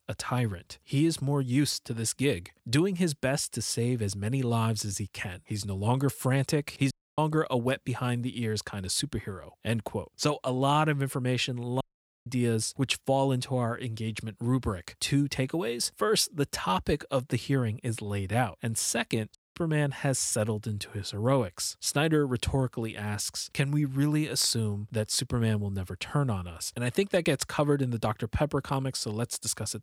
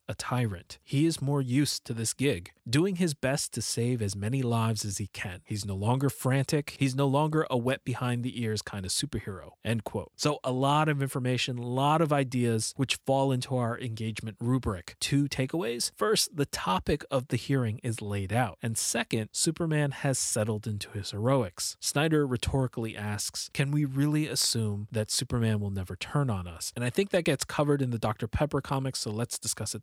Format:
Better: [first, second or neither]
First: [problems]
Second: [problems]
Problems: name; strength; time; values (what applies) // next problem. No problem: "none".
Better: second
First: audio cutting out; at 7 s, at 12 s and at 19 s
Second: none